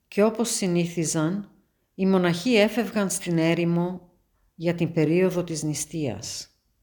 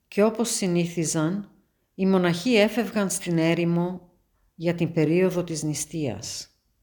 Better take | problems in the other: neither | none

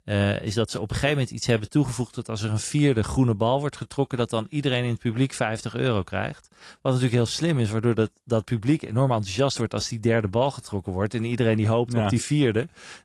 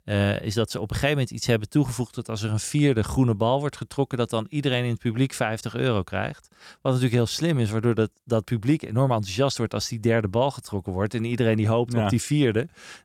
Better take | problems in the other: second | garbled, watery; slightly

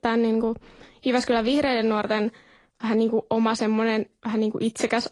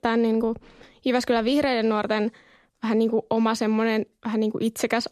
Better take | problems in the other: second | garbled, watery; slightly; nothing above 10 kHz

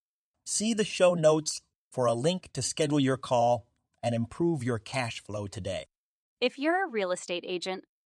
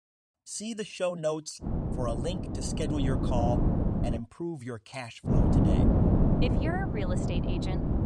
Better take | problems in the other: first | wind noise on the microphone; heavy; from 1.5 to 4 s and from 5.5 s on; 1 dB above the speech

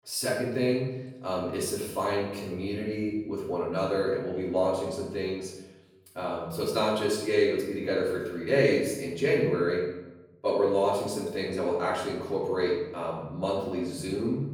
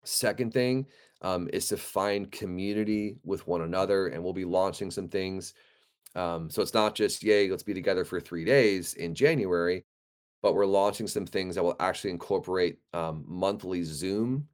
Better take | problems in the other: second | off-mic speech; far // room echo; noticeable; dies away in 0.8 s

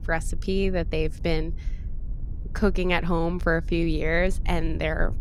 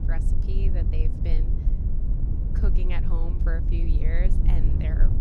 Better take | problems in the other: first | low rumble; loud; throughout; 2 dB below the speech; faint in the first

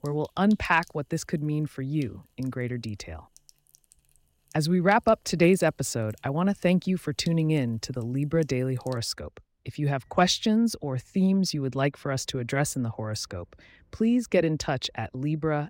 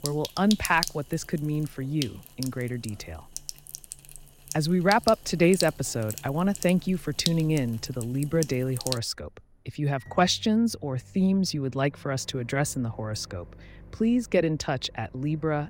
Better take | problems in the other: first | household noises; loud; throughout; 10 dB below the speech; faint in the first

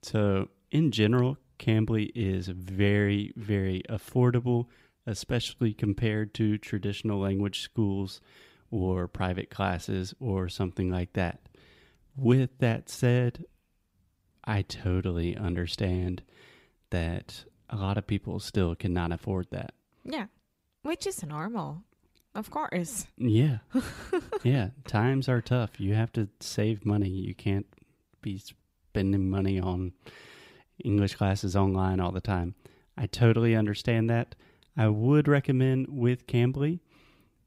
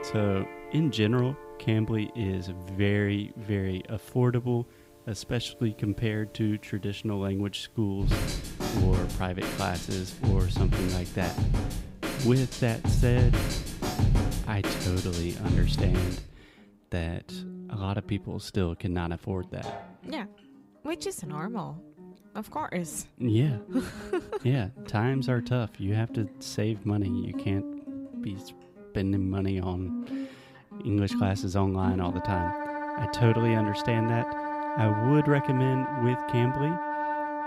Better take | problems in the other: first | background music; loud; throughout; 3 dB below the speech

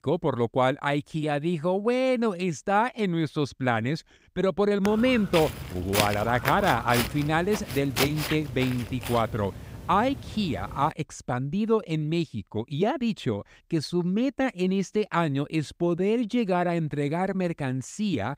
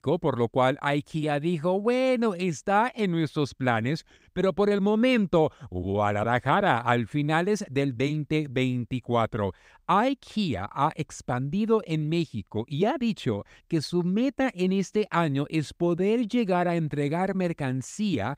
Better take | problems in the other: second | footsteps; noticeable; from 5 to 11 s; peak 1 dB below the speech

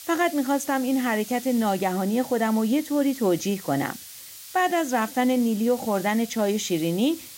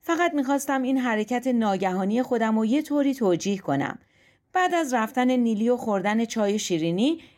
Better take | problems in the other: second | hiss; noticeable; throughout; 15 dB below the speech

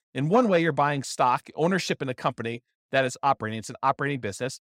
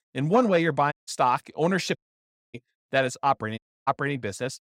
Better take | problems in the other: first | audio cutting out; at 1 s, at 2 s for 0.5 s and at 3.5 s

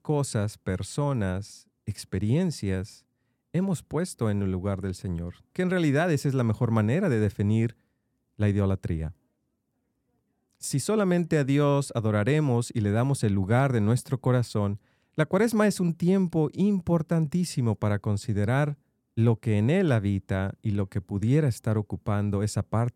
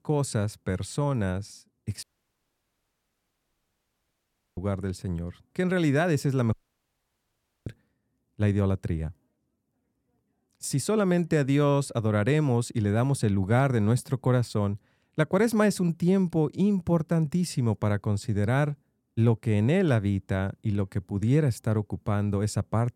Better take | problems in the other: first | audio cutting out; at 2 s for 2.5 s and at 6.5 s for 1 s

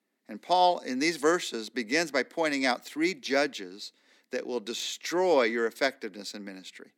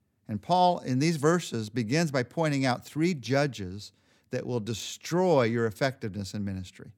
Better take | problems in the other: second | thin; somewhat; fading below 250 Hz

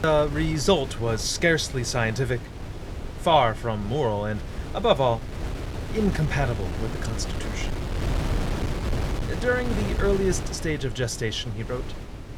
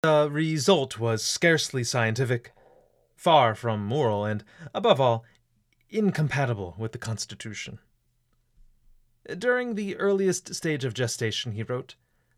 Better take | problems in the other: second | wind noise on the microphone; occasional gusts; 10 dB below the speech

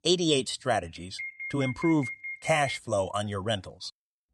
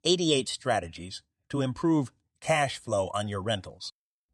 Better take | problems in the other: second | alarm; noticeable; from 1 to 3 s; peak 7 dB below the speech

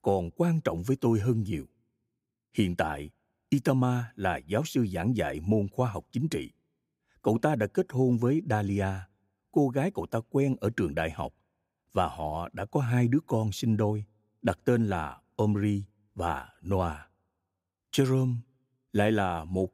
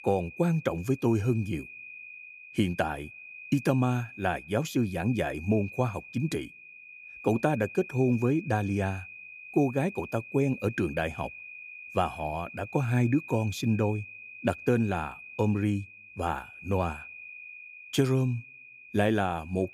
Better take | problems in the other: first | high-pitched whine; noticeable; throughout; 2.5 kHz, 15 dB below the speech

